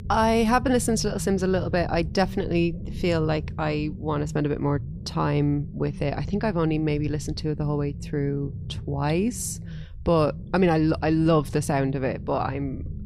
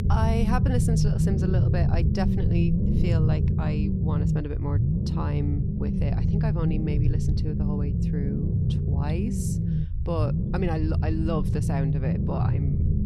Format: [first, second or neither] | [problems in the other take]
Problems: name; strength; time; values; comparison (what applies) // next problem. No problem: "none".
first | low rumble; loud; throughout; 1 dB below the speech; faint in the first